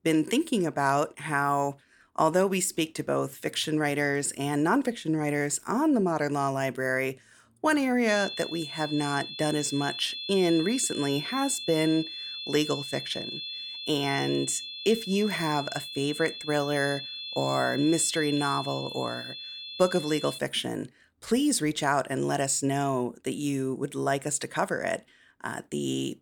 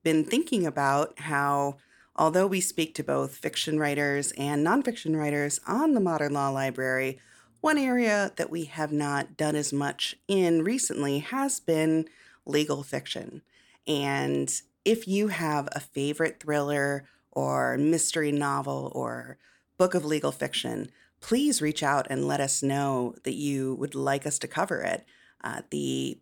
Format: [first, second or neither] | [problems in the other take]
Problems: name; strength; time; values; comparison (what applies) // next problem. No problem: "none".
second | high-pitched whine; loud; from 8 to 20 s; 3.5 kHz, 8 dB below the speech